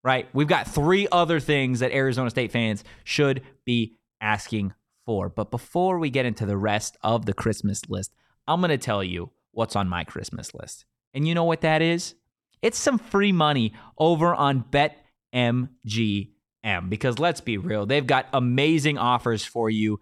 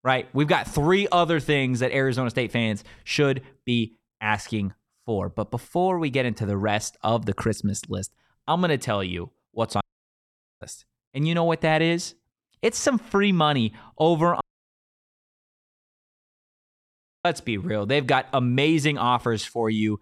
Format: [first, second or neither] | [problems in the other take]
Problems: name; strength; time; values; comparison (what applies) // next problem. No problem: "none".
first | audio cutting out; at 10 s for 1 s and at 14 s for 3 s